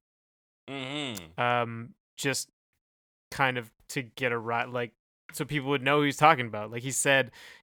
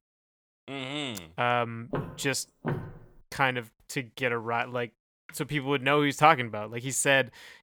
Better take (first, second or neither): first